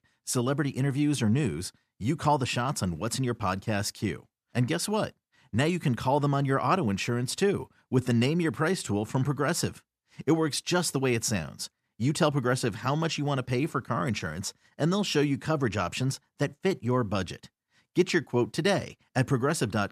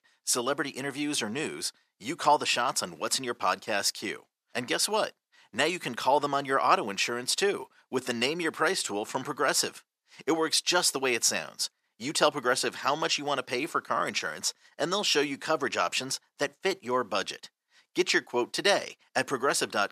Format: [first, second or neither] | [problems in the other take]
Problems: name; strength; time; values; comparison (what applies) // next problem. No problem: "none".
first | thin; somewhat; fading below 500 Hz